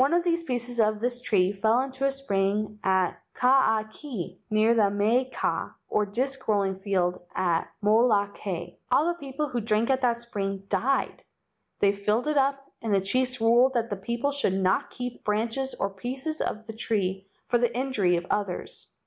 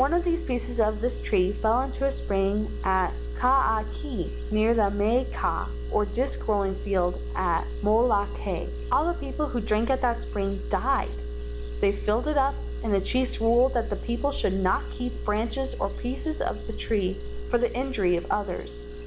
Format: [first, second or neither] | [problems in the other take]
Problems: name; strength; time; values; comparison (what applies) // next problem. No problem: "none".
first | background sound (Engine); 5 dB below the speech